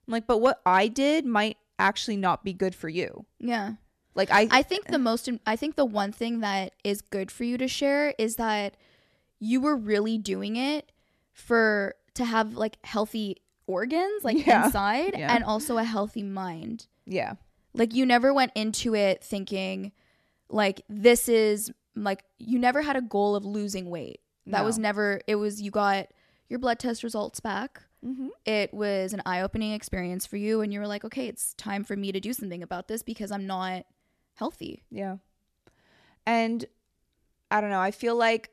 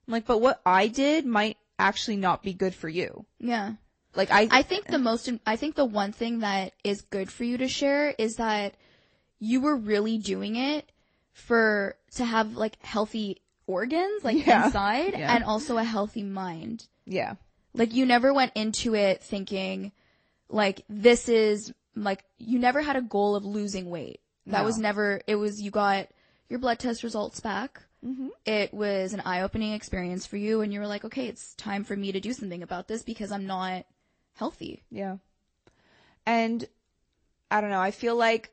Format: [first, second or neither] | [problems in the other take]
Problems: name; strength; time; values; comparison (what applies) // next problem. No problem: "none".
first | garbled, watery; slightly; nothing above 8 kHz